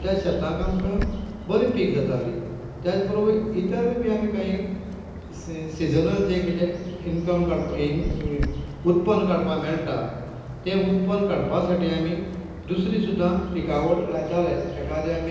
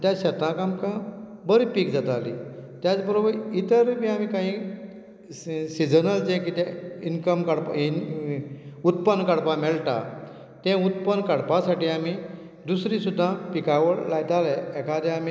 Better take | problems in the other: second | background sound (Bird); 10 dB below the speech // room echo; dies away in 0.9 s

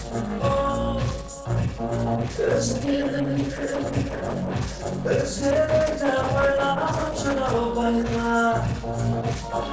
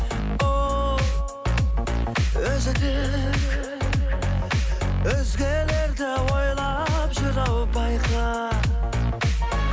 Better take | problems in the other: second | noise reduction (neural separator model SepFormer DNS4)

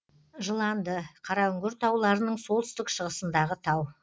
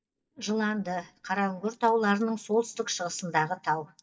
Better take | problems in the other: first | noise reduction (neural mask model DeepFilterNet 3)

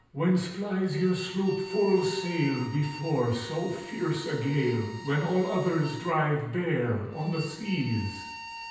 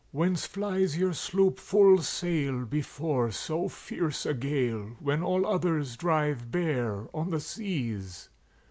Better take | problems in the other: second | background sound (Bowed string instrument); 16 dB below the speech // room echo; dies away in 0.9 s

